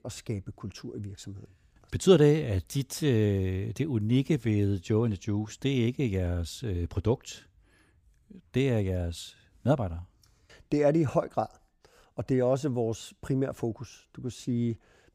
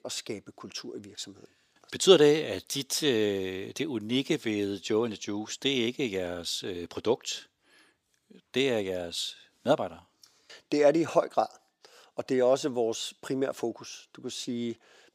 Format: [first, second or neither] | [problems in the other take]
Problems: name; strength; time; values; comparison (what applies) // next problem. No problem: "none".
first | thin; somewhat; fading below 350 Hz